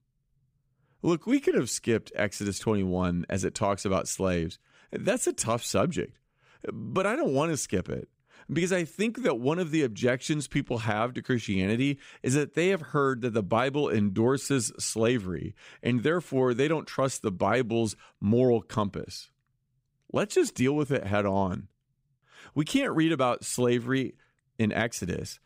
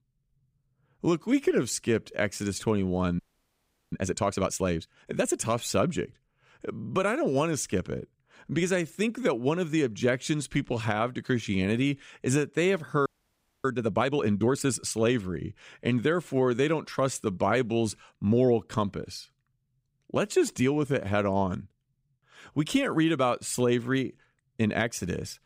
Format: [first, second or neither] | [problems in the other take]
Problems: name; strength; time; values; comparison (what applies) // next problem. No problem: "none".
first | audio freezing; at 3 s for 0.5 s and at 13 s for 0.5 s